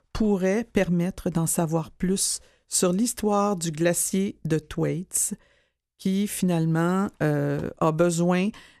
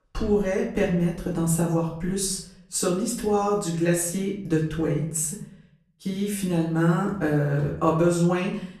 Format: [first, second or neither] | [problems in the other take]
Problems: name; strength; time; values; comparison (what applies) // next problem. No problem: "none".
first | off-mic speech; far // room echo; noticeable; dies away in 0.6 s